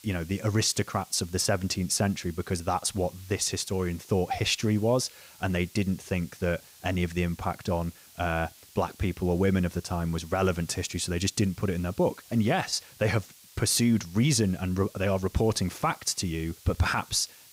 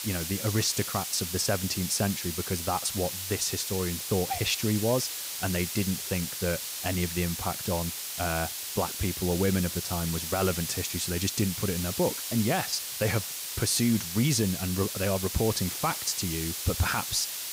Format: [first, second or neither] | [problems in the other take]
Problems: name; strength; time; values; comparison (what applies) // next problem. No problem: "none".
first | hiss; loud; throughout; 3 dB below the speech; faint in the first